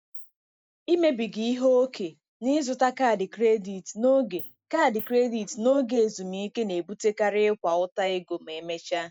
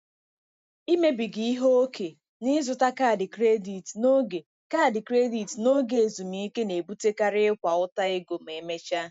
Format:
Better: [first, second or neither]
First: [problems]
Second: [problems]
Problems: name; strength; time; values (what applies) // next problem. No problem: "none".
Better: second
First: noise reduction (neural mask model Resemble Enhance denoiser)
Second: none